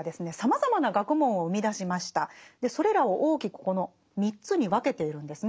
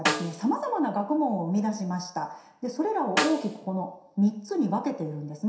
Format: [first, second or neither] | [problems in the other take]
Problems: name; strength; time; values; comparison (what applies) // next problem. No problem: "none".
first | background sound (Snare drum); 7 dB below the speech // room echo; dies away in 0.7 s